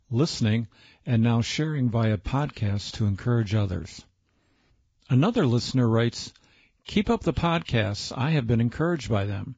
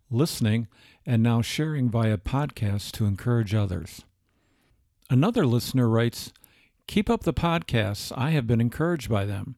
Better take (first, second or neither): second